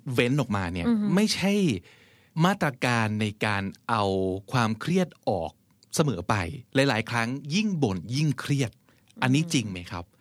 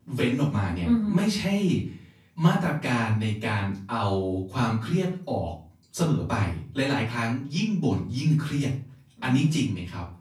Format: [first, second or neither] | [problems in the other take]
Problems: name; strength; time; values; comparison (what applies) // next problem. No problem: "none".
first | room echo; slight; dies away in 0.4 s // off-mic speech; far